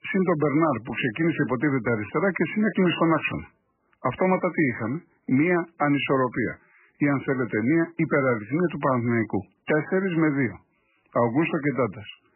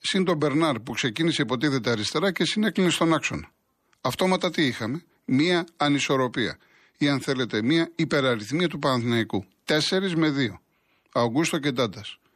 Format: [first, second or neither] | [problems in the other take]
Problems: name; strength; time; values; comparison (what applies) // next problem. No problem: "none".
second | garbled, watery; badly; nothing above 3 kHz